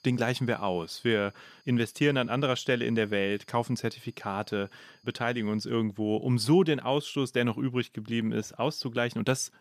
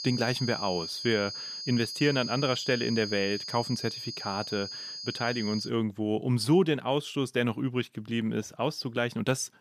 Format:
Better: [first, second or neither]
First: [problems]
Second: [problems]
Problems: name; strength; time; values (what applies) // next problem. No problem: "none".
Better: first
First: high-pitched whine; faint; until 5.5 s; 5 kHz, 35 dB below the speech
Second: high-pitched whine; loud; until 5.5 s; 5 kHz, 6 dB below the speech